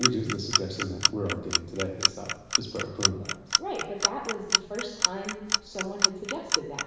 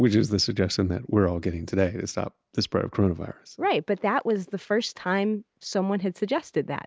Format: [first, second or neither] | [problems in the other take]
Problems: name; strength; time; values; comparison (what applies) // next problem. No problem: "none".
second | background sound (Clock); 5 dB above the speech // room echo; dies away in 1 s